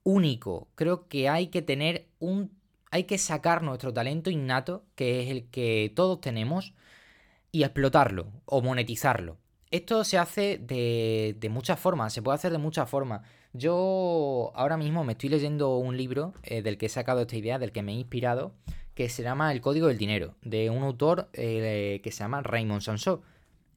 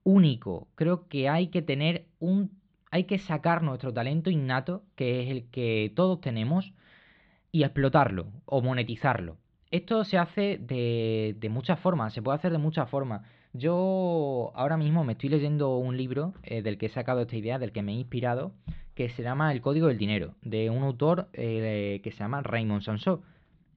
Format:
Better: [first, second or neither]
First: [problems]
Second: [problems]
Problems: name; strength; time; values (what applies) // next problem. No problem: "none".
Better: first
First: none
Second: muffled; slightly; fading above 3.5 kHz